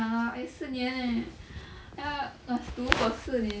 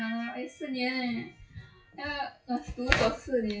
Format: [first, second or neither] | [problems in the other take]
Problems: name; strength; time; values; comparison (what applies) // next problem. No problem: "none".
first | noise reduction (classical method WPE with log-MMSE)